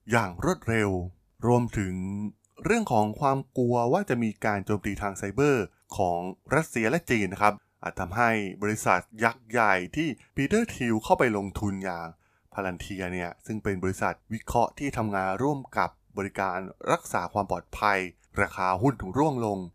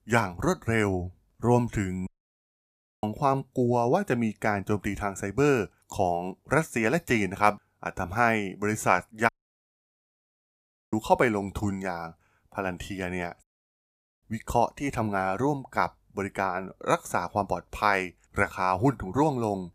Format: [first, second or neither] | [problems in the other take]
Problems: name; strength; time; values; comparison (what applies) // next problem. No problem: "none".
first | audio cutting out; at 2 s for 1 s, at 9.5 s for 1.5 s and at 13 s for 1 s